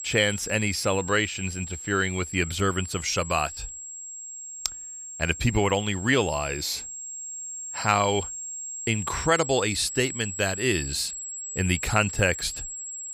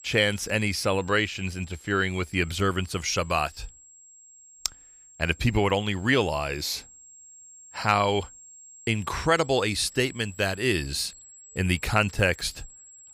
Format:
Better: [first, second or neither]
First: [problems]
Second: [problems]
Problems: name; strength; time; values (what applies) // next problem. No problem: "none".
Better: second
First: high-pitched whine; loud; throughout; 7.5 kHz, 8 dB below the speech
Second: high-pitched whine; faint; throughout; 7.5 kHz, 20 dB below the speech